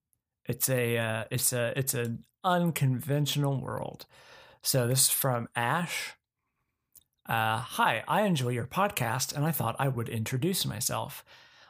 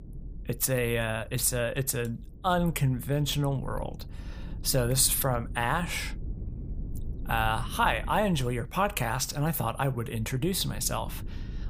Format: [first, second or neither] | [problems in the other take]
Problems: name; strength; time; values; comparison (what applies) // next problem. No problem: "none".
first | low rumble; faint; throughout; 25 dB below the speech